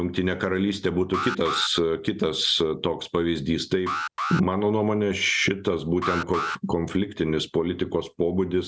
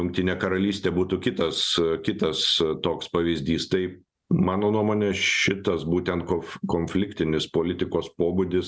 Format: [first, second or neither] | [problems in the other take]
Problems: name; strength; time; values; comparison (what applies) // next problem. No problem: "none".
second | background sound (Alarm); 8 dB below the speech